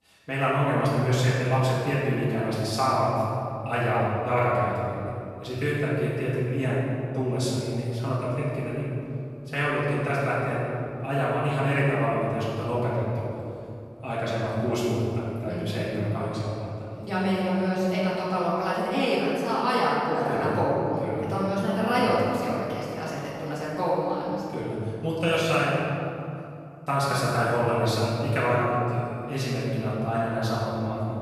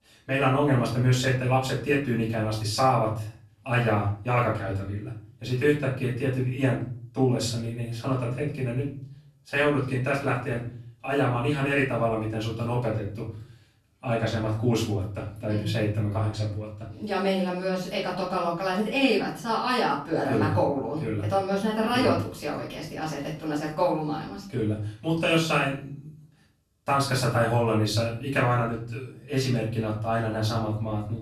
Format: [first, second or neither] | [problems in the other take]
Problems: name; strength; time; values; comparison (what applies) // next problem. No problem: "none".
second | room echo; strong; dies away in 2.5 s; slight in the second // off-mic speech; far; far in the second